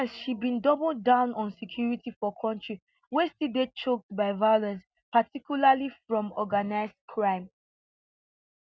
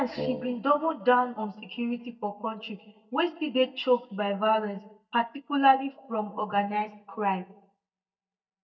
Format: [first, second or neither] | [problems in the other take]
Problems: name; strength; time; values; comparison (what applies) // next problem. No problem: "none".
first | noise reduction (neural mask model DeepFilterNet 3)